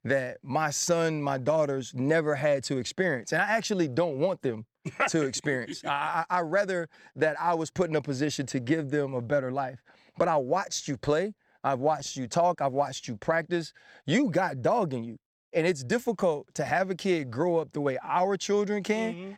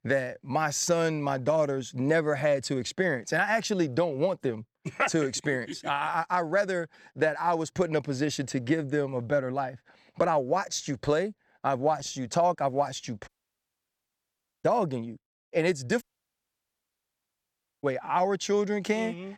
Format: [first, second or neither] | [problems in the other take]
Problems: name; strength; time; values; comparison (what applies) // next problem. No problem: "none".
first | audio cutting out; at 13 s for 1.5 s and at 16 s for 2 s